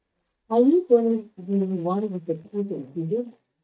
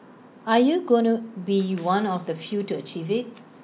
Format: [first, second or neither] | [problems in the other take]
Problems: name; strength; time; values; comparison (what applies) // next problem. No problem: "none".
second | noise reduction (neural mask model DeepFilterNet 3)